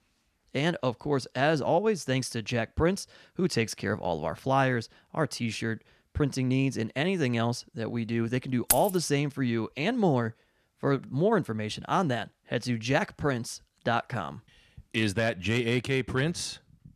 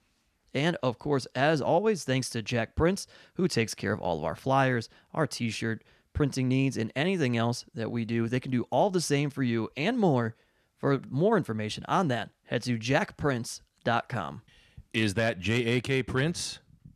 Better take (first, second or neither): second